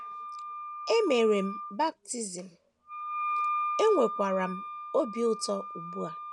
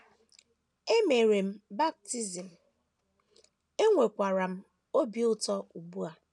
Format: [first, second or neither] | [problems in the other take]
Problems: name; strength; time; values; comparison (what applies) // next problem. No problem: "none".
second | background sound (Wind instrument, woodwind instrument); 6 dB below the speech